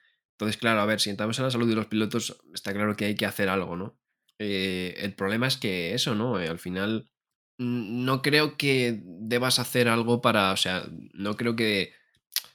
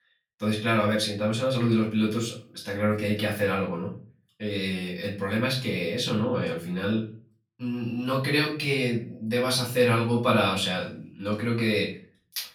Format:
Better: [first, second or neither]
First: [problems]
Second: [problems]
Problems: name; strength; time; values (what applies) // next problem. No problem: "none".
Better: first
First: none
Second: off-mic speech; far // room echo; slight; dies away in 0.3 s